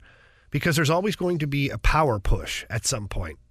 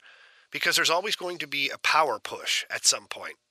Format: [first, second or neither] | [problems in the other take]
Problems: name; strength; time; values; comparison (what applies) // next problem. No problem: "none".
first | thin; very; fading below 600 Hz